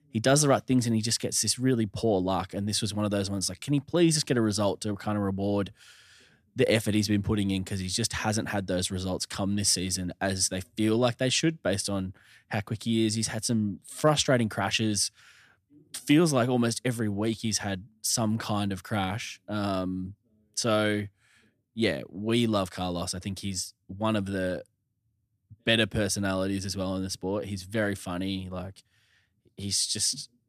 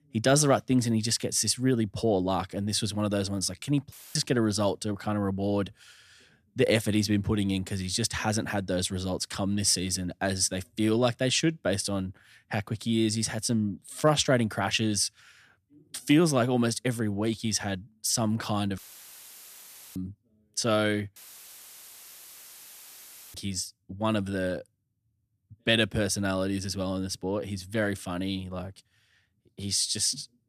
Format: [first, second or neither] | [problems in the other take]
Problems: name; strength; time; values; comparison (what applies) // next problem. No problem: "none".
first | audio cutting out; filled with static; at 4 s, at 19 s for 1 s and at 21 s for 2 s